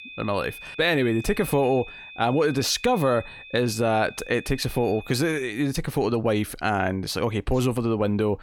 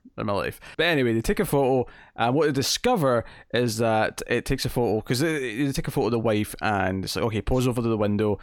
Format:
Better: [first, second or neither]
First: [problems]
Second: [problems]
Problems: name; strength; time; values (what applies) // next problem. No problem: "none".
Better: second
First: high-pitched whine; noticeable; until 5.5 s; 2.5 kHz, 15 dB below the speech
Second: none